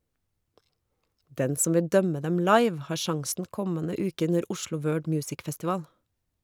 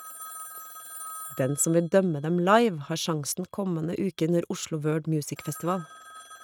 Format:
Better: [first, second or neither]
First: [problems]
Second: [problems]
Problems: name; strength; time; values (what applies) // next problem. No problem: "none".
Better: first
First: none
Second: noise reduction (neural mask model RNNoise)